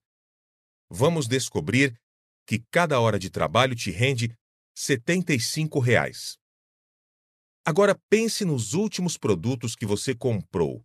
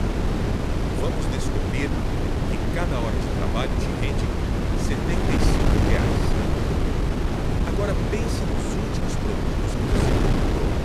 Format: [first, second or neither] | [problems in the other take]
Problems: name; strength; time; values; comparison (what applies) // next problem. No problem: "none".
first | wind noise on the microphone; heavy; 5 dB above the speech